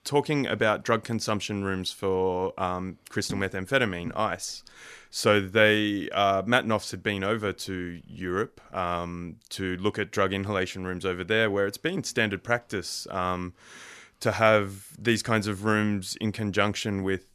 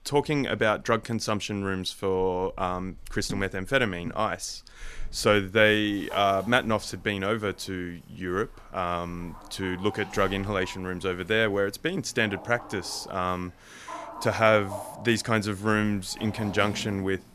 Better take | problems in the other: first | animal sounds; noticeable; throughout; 20 dB below the speech

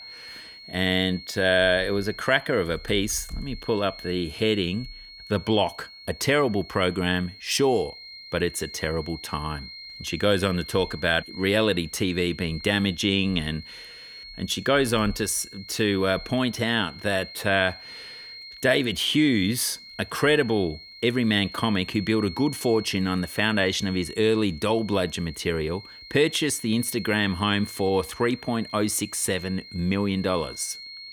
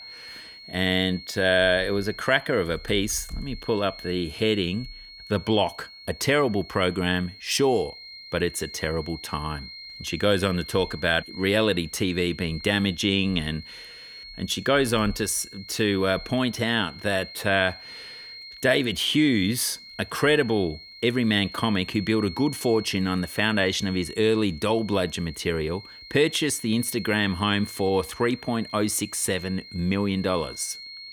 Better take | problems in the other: neither | high-pitched whine; noticeable; throughout; 4 kHz, 15 dB below the speech; the same in both

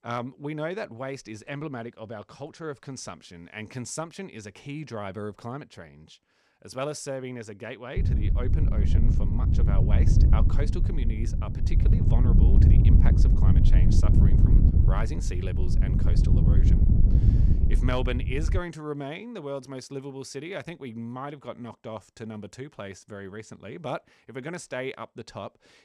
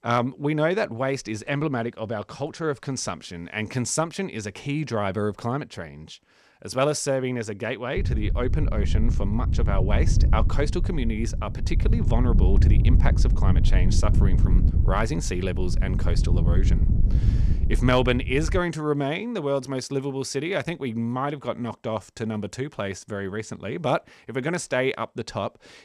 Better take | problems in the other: second | wind noise on the microphone; heavy; from 8 to 19 s; 1 dB below the speech; occasional gusts in the second

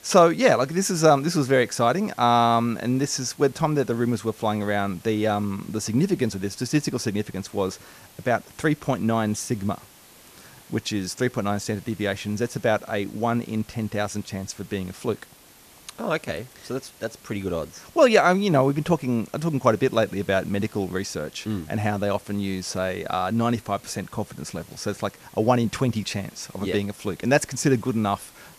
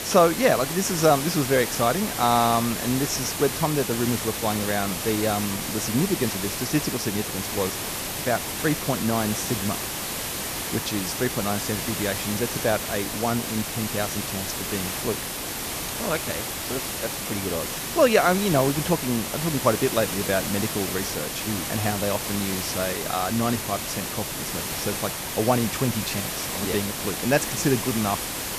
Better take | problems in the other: first | hiss; loud; throughout; 2 dB below the speech; faint in the first

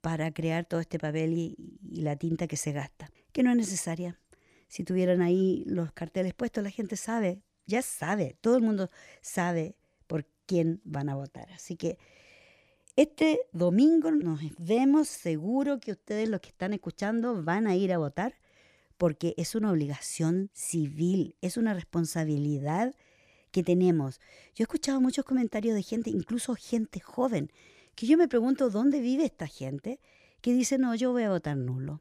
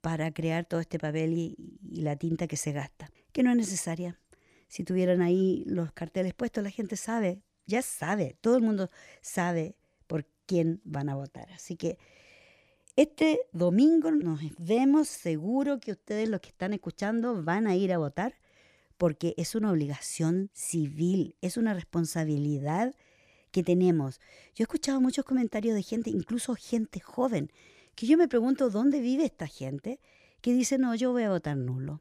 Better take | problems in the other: neither | none

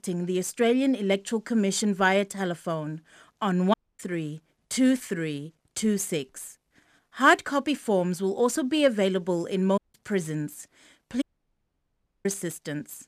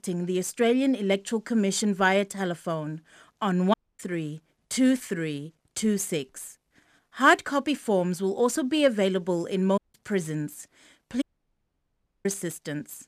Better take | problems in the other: neither | audio cutting out; at 3.5 s, at 10 s and at 11 s for 1 s; the same in both

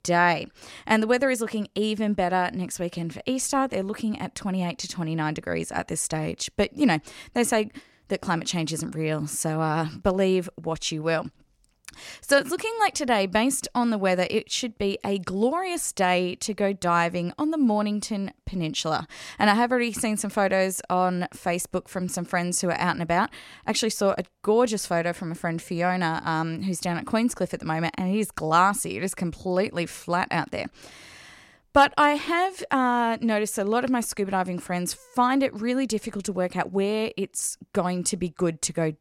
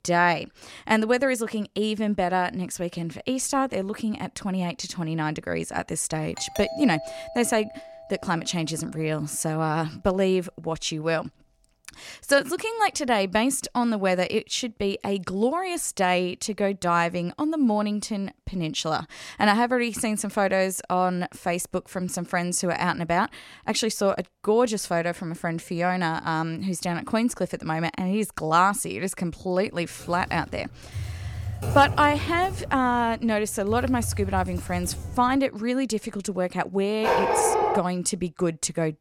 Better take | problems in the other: first | doorbell; noticeable; from 6.5 to 8.5 s; peak 8 dB below the speech // keyboard typing; noticeable; from 30 to 35 s; peak 3 dB below the speech // dog barking; loud; at 37 s; peak 3 dB above the speech

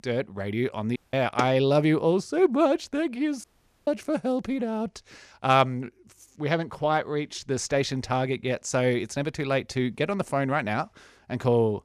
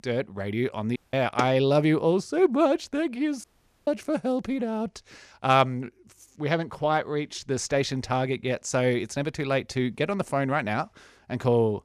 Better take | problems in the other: neither | audio cutting out; at 1 s and at 3.5 s; the same in both

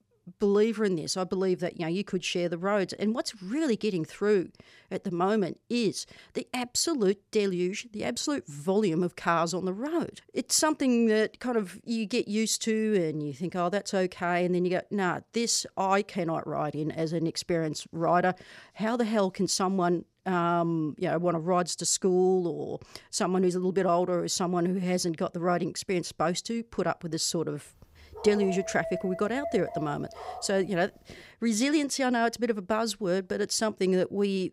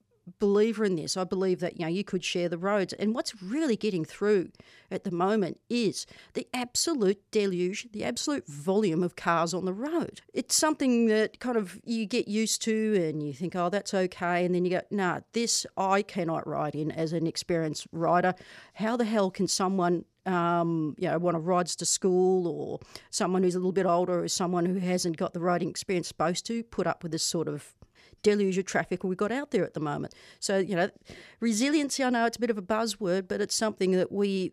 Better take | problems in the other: second | dog barking; noticeable; from 28 to 31 s; peak 9 dB below the speech

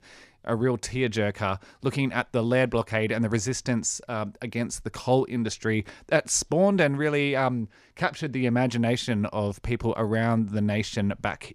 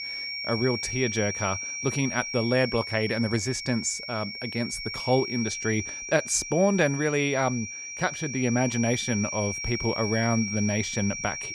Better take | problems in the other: first | high-pitched whine; loud; throughout; 2.5 kHz, 5 dB below the speech

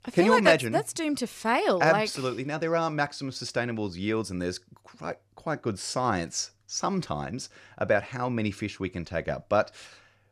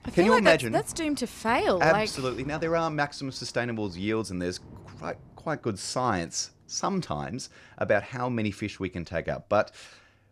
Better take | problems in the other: first | rain or running water; faint; throughout; 20 dB below the speech

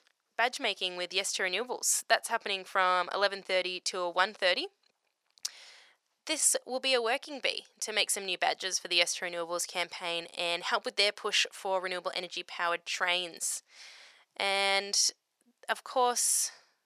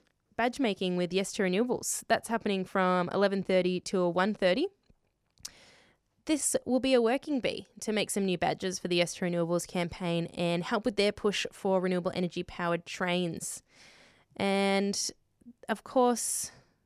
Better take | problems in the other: second | thin; very; fading below 800 Hz

